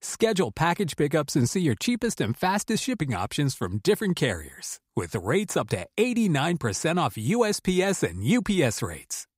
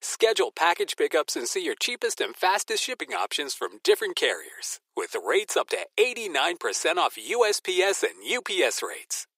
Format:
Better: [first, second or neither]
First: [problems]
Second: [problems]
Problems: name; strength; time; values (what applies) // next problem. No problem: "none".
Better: first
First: none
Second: thin; very; fading below 400 Hz